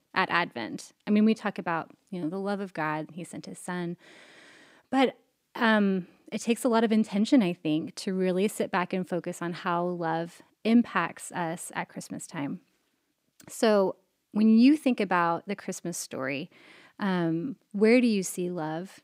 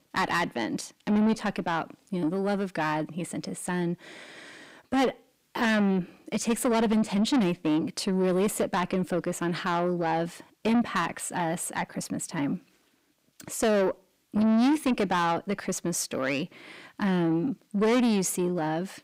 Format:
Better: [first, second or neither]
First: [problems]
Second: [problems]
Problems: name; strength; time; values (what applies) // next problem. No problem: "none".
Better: first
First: none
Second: distortion; heavy; 7 dB below the speech